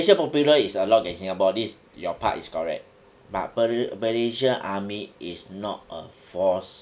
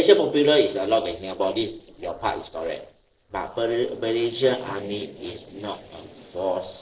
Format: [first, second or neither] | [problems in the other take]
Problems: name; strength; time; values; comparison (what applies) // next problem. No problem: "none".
first | noise reduction (neural separator model SepFormer DNS4)